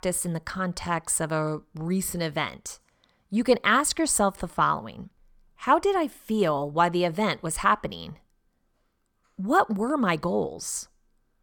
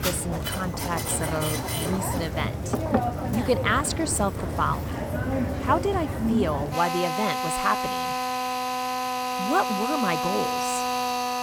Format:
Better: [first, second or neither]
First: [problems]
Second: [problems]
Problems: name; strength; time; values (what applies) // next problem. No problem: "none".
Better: first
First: none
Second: machinery noise; loud; throughout; as loud as the speech